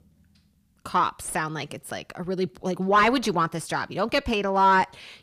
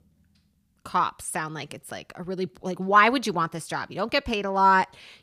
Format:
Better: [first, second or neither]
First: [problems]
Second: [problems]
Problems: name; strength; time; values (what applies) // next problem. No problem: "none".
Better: second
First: distortion; slight; 10 dB below the speech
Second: none